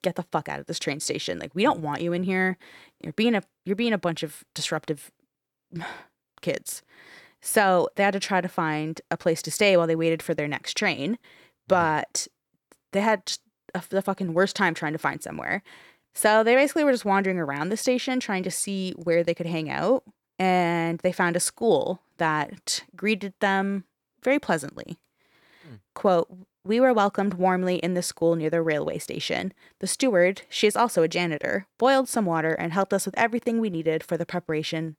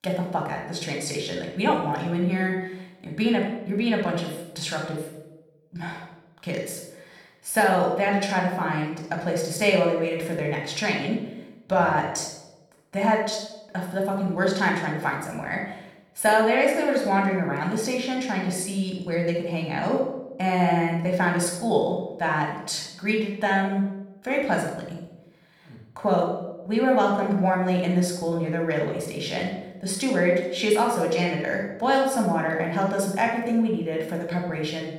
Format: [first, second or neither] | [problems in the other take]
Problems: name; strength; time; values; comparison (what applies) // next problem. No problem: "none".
first | off-mic speech; somewhat distant // room echo; noticeable; dies away in 0.7 s